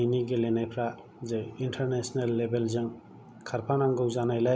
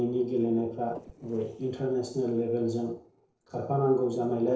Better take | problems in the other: first | noise reduction (neural separator model SepFormer DNS4)

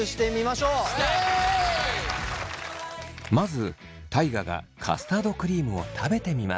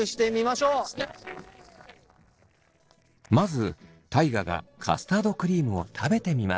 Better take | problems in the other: first | noise reduction (neural separator model SepFormer DNS4)

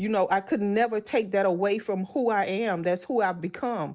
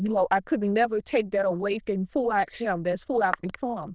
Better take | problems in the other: first | noise reduction (neural diffusion model UNIVERSE++)

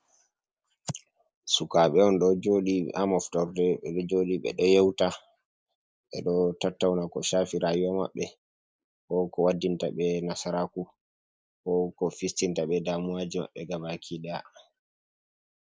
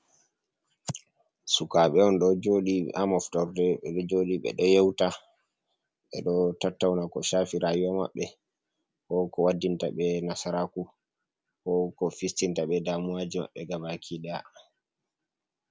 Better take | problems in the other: second | noise reduction (neural mask model Resemble Enhance denoiser)

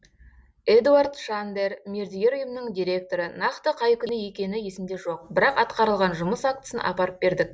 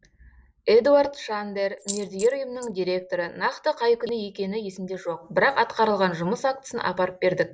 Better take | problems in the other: first | noise reduction (neural mask model Resemble Enhance denoiser)

